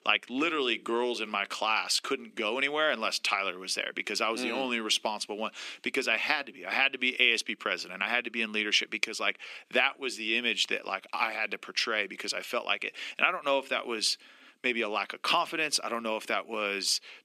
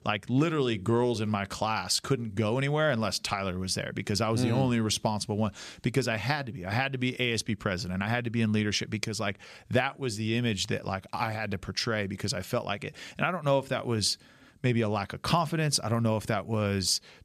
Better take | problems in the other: second | thin; somewhat; fading below 250 Hz

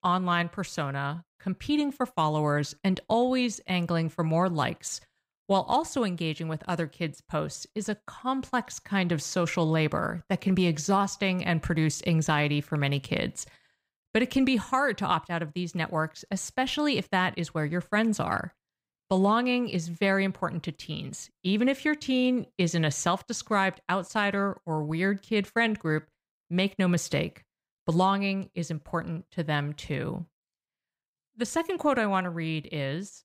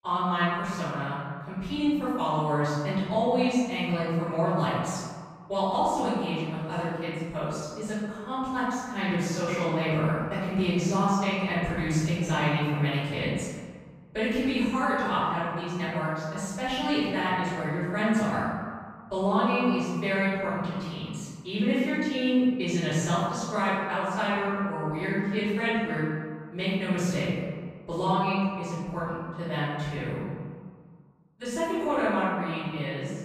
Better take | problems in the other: first | off-mic speech; far // room echo; strong; dies away in 1.5 s

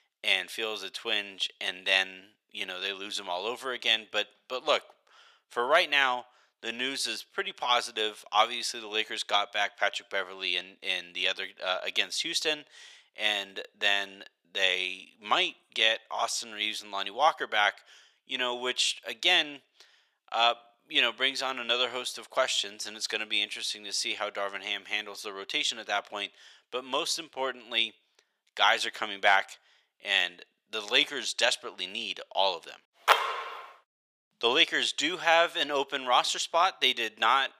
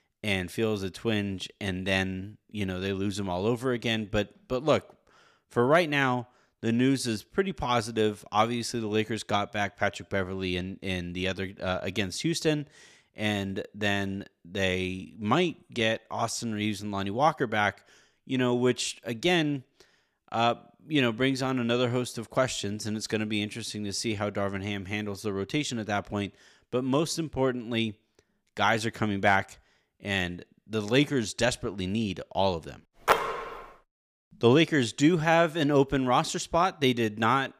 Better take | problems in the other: second | thin; very; fading below 750 Hz

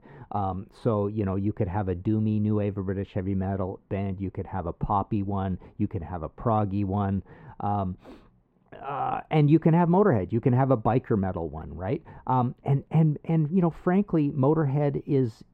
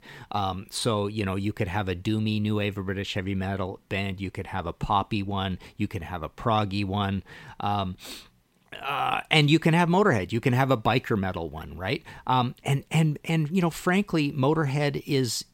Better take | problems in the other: second | muffled; very; fading above 2 kHz

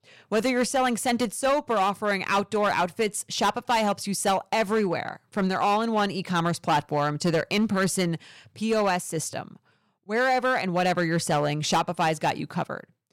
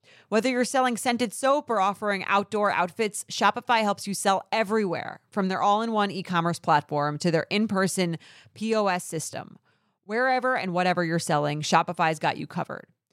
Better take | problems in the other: second | distortion; slight; 8% of the sound clipped

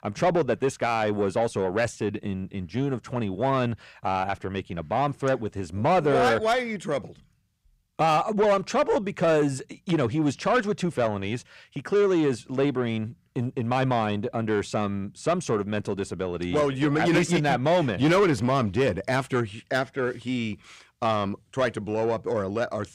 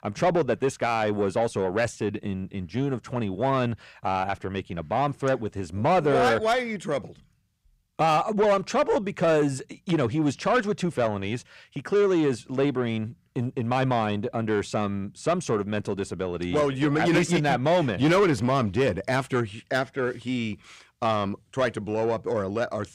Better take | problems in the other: neither | distortion; slight; 10 dB below the speech; the same in both

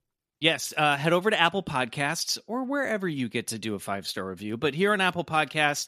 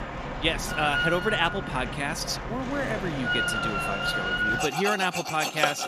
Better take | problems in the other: first | machinery noise; loud; throughout; as loud as the speech

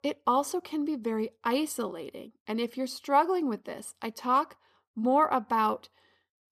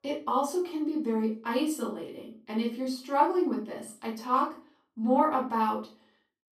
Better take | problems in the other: first | off-mic speech; far // room echo; slight; dies away in 0.3 s

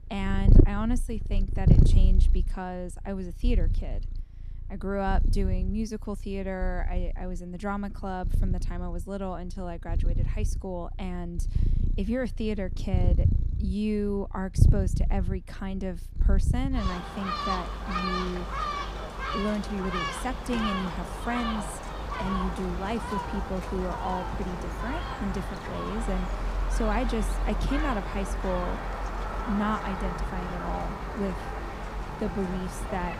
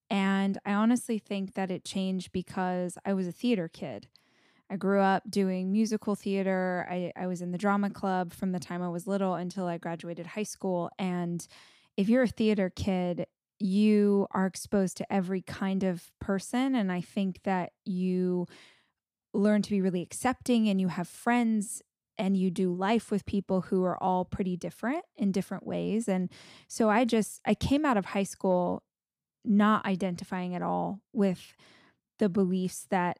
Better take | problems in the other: second | animal sounds; very loud; throughout; 3 dB above the speech

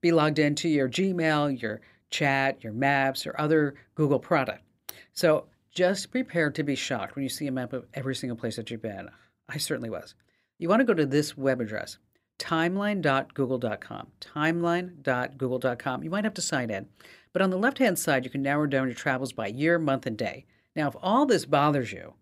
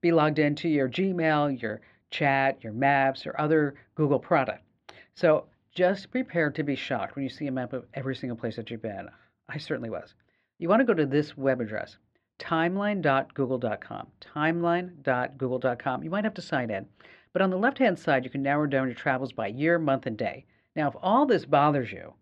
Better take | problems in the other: first | muffled; slightly; fading above 3.5 kHz

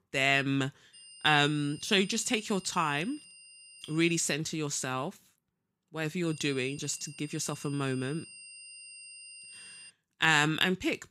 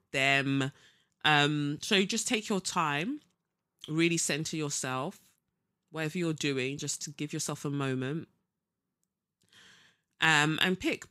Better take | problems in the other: second | high-pitched whine; noticeable; from 1 to 4 s and from 6.5 to 10 s; 3 kHz, 20 dB below the speech

